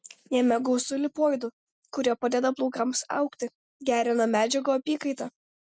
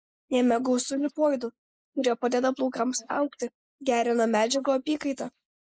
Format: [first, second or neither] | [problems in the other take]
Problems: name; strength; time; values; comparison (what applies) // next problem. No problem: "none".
first | noise reduction (neural mask model Resemble Enhance denoiser)